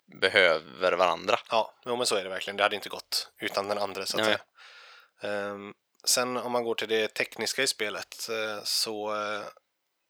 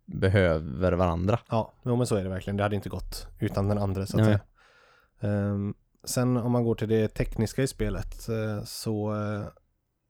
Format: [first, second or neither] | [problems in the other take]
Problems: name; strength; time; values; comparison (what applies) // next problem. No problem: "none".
second | thin; very; fading below 600 Hz